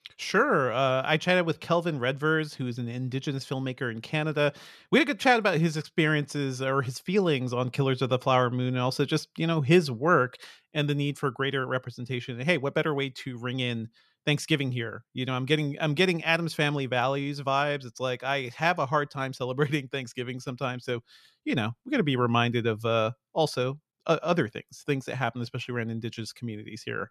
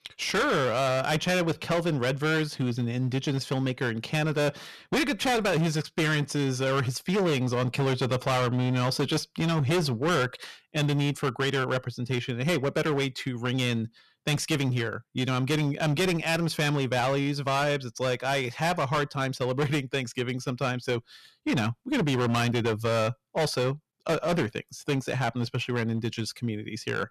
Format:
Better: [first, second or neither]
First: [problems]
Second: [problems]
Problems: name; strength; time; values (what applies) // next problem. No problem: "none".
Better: first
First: none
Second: distortion; heavy; 19% of the sound clipped